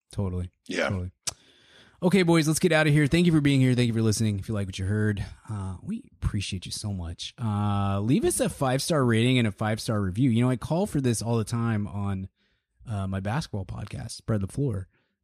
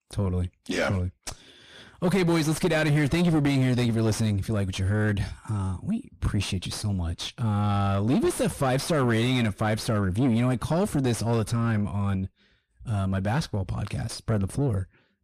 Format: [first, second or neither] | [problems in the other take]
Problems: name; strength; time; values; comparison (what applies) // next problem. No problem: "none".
first | distortion; heavy; 6 dB below the speech